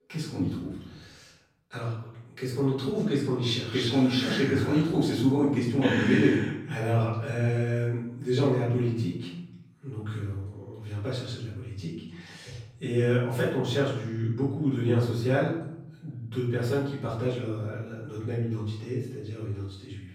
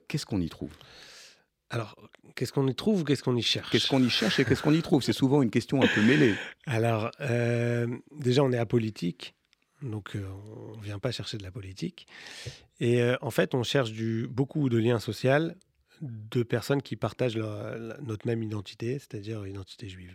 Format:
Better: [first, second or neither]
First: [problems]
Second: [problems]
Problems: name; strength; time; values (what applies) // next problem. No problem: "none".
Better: second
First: off-mic speech; far // room echo; noticeable; dies away in 0.7 s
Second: none